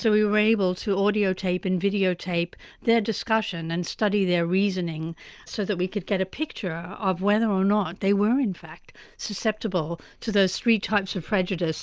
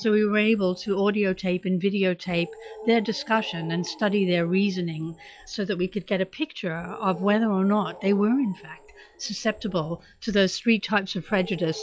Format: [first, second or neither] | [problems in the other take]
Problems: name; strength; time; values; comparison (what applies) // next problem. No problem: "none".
first | noise reduction (classical method log-MMSE)